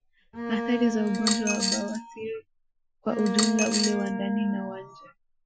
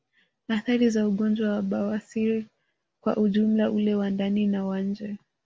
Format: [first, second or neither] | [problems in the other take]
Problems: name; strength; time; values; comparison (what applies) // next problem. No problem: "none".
second | noise reduction (classical method Wiener filter)